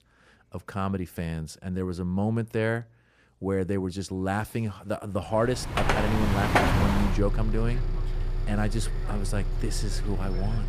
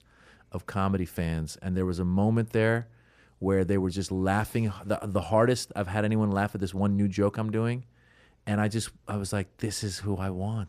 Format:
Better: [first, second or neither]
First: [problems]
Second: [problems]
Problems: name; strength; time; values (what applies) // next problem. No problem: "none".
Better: second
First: traffic noise; very loud; from 6 s on; 1 dB above the speech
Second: none